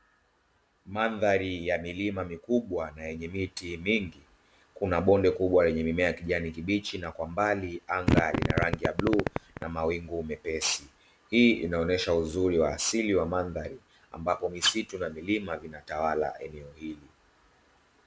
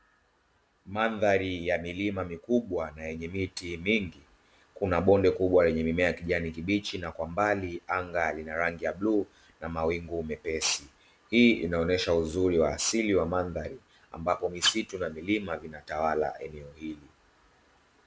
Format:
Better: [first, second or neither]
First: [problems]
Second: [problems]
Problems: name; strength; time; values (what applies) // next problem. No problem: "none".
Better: second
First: background sound (Fart); 1 dB above the speech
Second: none